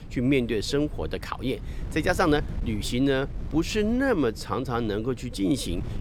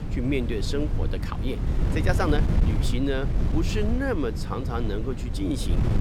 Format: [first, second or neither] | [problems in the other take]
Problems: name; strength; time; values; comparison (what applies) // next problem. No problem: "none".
first | wind noise on the microphone; heavy; 7 dB below the speech; occasional gusts in the first